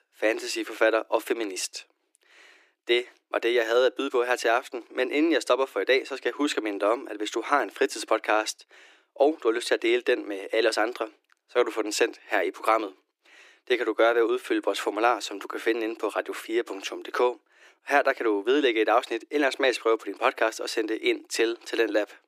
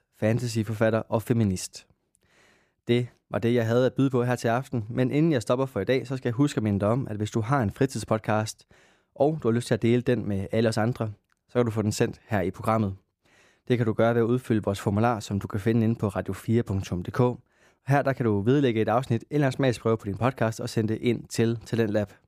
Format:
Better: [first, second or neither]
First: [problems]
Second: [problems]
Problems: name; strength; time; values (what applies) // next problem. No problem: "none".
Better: second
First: thin; very; fading below 300 Hz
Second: none